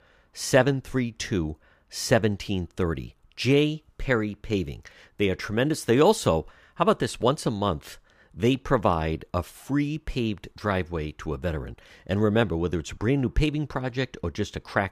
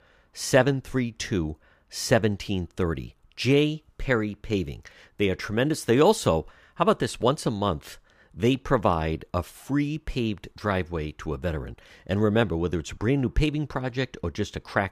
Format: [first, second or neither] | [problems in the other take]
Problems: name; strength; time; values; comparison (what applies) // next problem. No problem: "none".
neither | none